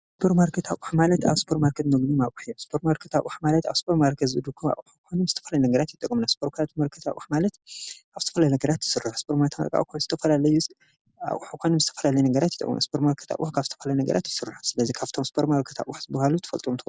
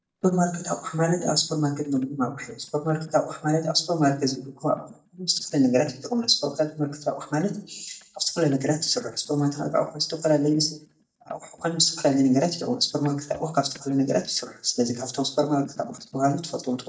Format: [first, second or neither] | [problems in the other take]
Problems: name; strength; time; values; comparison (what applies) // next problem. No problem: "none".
first | noise reduction (neural mask model DeepFilterNet 3)